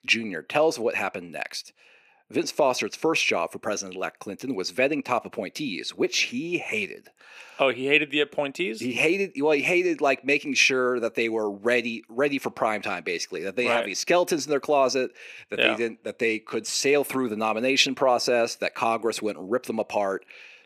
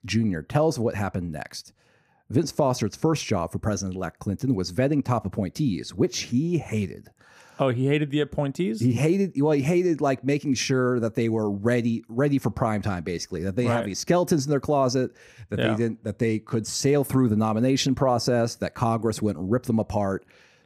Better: second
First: thin; somewhat; fading below 450 Hz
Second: none

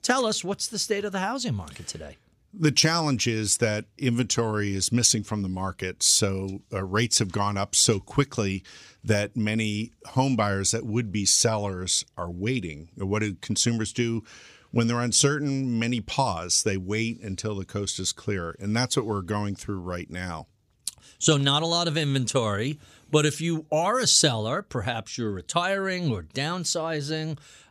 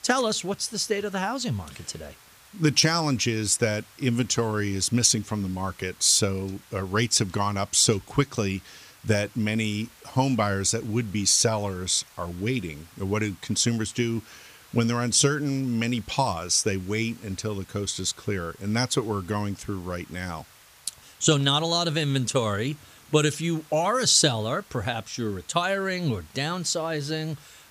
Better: first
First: none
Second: hiss; faint; throughout; 25 dB below the speech

